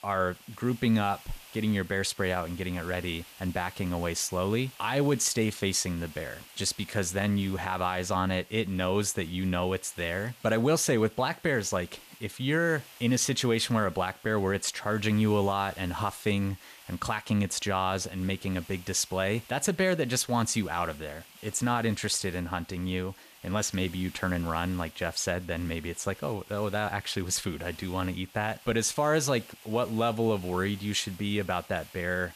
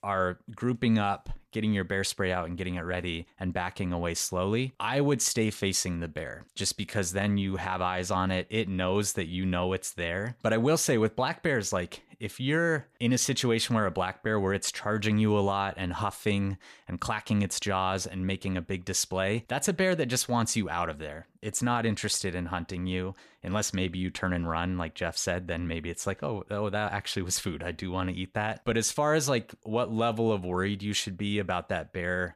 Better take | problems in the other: second | hiss; faint; throughout; 20 dB below the speech

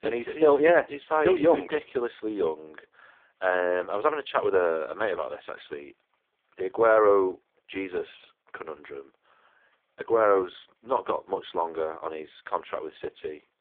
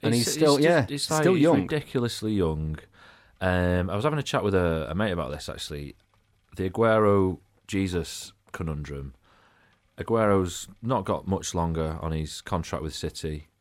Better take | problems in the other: second | phone-call audio; poor line

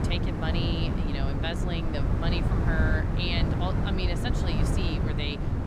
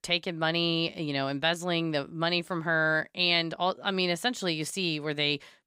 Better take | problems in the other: second | wind noise on the microphone; heavy; 2 dB below the speech

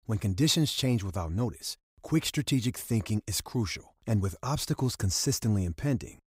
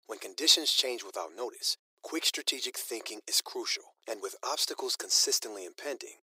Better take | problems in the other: first | thin; very; fading below 350 Hz

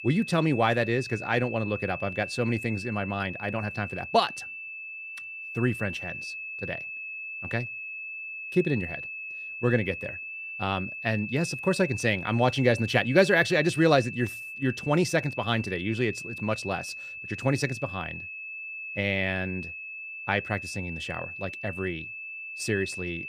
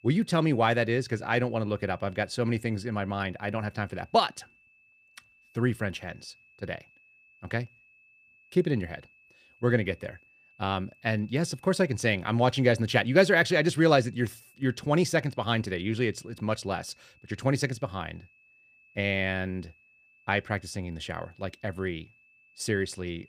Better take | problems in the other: second | high-pitched whine; loud; throughout; 2.5 kHz, 8 dB below the speech; faint in the second

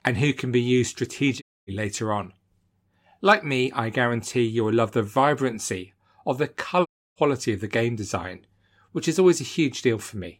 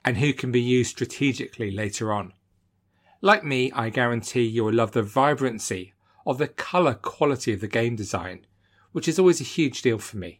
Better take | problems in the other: second | audio cutting out; at 1.5 s and at 7 s

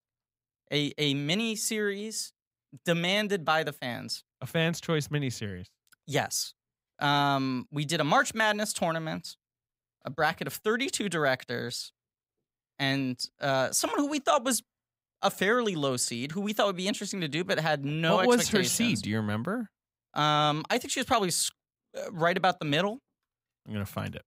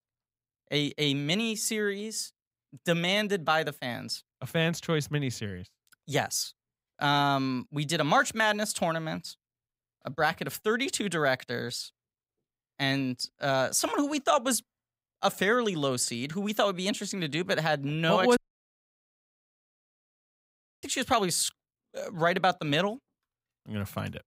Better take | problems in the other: first | audio cutting out; at 18 s for 2.5 s

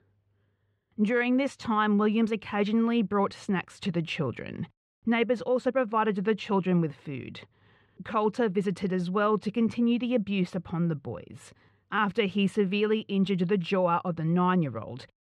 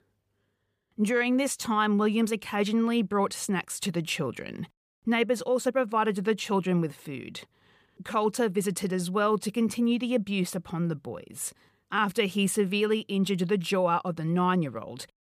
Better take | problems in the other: second | muffled; slightly; fading above 3 kHz

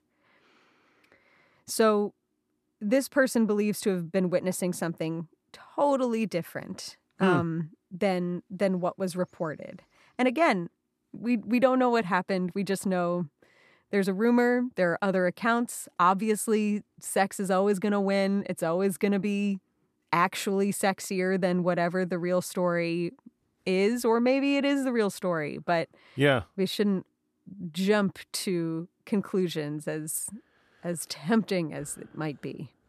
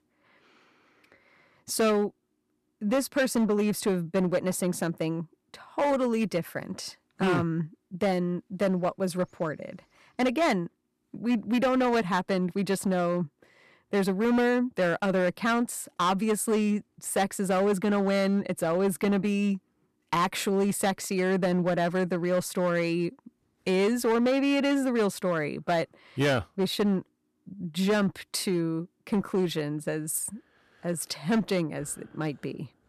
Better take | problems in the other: first | distortion; slight; 7% of the sound clipped

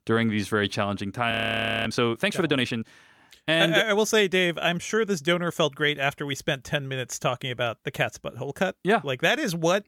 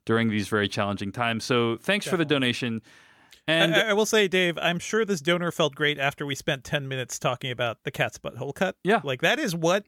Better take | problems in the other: second | audio freezing; at 1.5 s for 0.5 s

